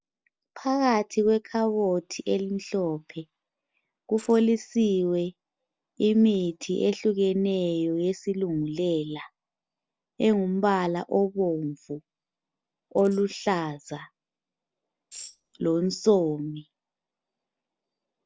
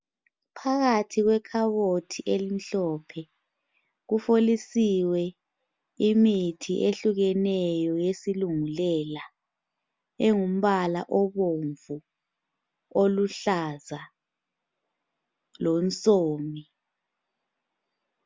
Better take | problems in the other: second | noise reduction (neural separator model SepFormer DNS4)

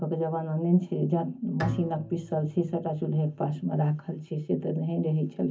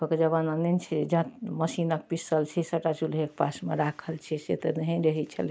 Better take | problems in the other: second | background sound (Bowed string instrument); 13 dB below the speech // room echo; dies away in 0.3 s

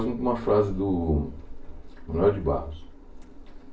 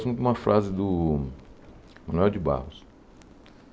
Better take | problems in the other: second | room echo; dies away in 0.3 s

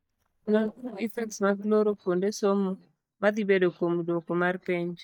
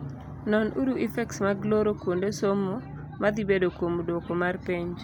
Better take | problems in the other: second | noise reduction (neural mask model DeepFilterNet 3)

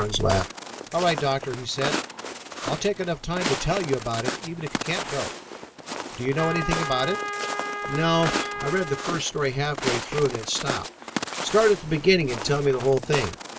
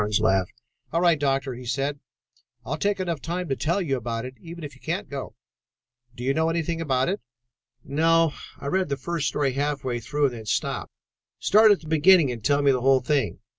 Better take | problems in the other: second | background sound (Trumpet + Walk, footsteps); 6 dB below the speech

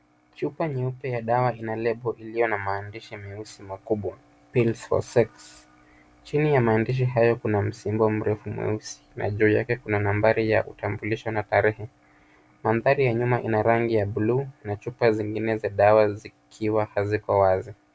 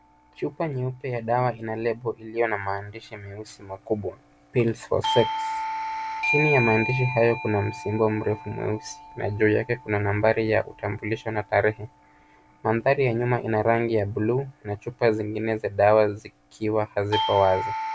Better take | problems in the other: first | background sound (Doorbell); 9 dB below the speech

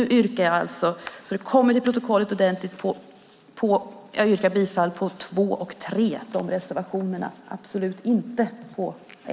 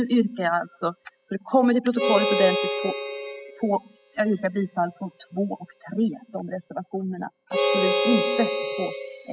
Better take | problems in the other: first | noise reduction (classical method spectral subtraction)

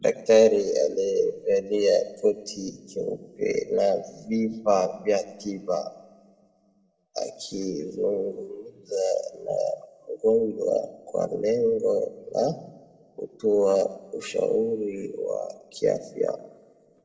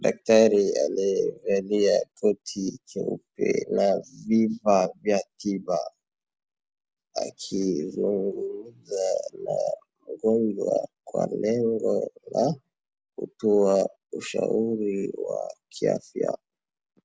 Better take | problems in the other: second | room echo; dies away in 1.2 s

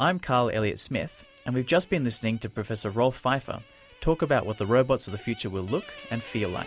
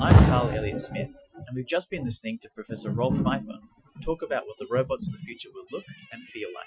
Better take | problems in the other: first | noise reduction (classical method Wiener filter)

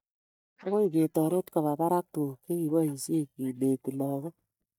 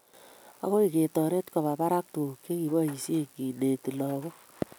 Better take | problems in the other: second | noise reduction (neural mask model DeepFilterNet 3)

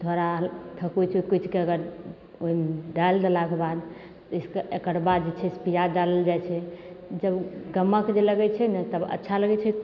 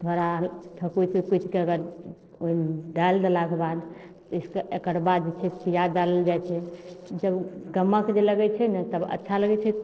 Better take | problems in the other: first | noise reduction (neural separator model SepFormer DNS4)

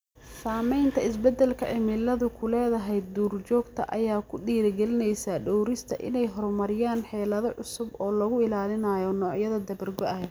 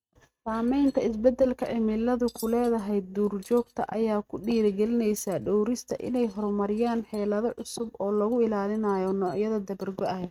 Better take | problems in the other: first | noise reduction (neural mask model RNNoise)

